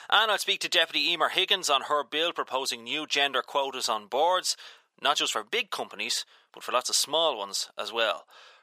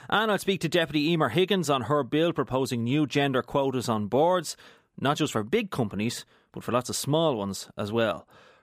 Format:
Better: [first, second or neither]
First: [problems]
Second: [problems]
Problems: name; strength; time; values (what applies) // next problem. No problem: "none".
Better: second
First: thin; very; fading below 750 Hz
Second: none